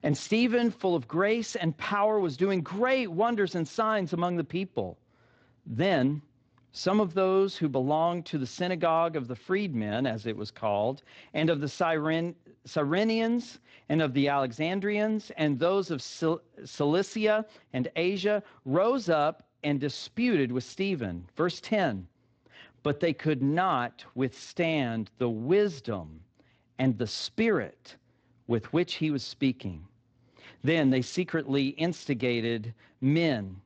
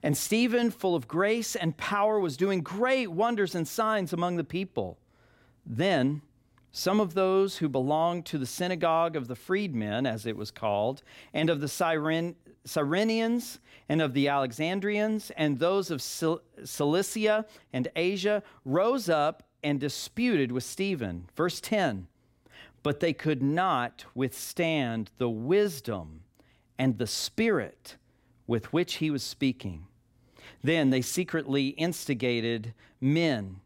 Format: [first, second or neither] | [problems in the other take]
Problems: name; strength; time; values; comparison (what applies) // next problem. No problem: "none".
second | garbled, watery; slightly; nothing above 7.5 kHz